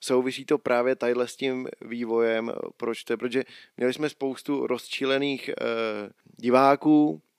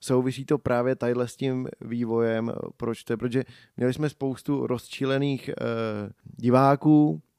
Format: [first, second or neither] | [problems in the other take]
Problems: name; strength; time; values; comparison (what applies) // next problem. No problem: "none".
second | thin; very slightly; fading below 350 Hz